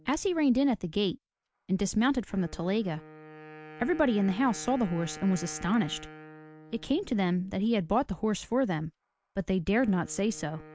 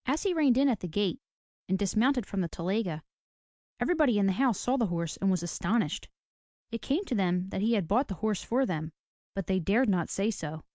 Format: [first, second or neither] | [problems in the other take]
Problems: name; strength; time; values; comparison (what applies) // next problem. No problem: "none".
second | background sound (Wind instrument, woodwind instrument); 20 dB below the speech